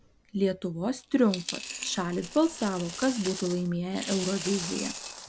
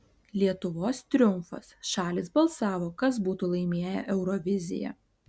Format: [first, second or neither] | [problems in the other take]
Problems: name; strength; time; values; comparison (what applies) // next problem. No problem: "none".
second | background sound (Coin (dropping)); 10 dB below the speech